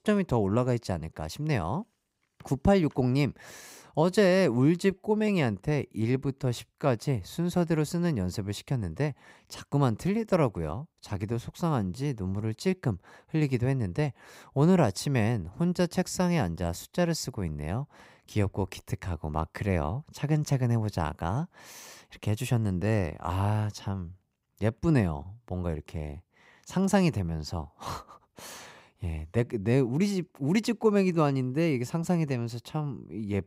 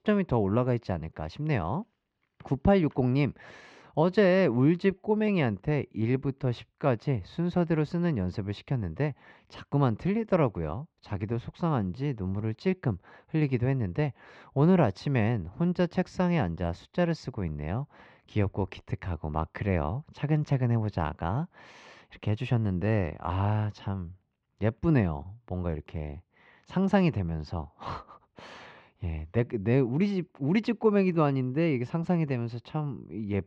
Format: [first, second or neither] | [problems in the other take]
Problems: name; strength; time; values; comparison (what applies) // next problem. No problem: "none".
first | muffled; slightly; fading above 3.5 kHz